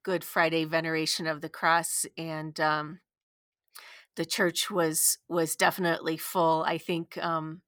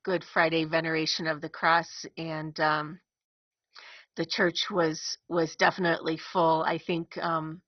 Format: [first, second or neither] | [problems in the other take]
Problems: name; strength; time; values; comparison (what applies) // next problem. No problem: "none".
first | garbled, watery; badly; nothing above 6 kHz